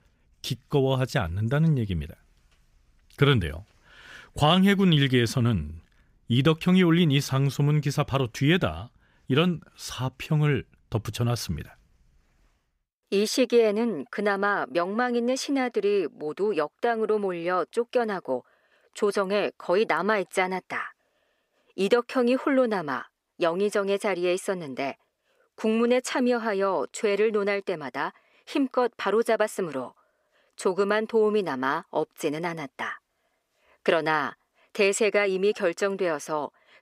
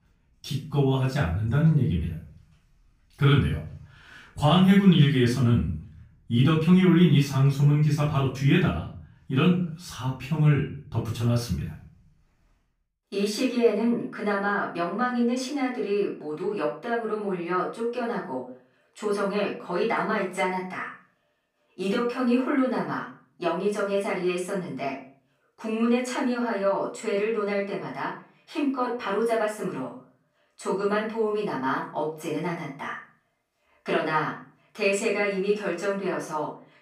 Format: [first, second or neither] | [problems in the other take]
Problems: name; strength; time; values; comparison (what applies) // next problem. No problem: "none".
first | off-mic speech; far // room echo; noticeable; dies away in 0.4 s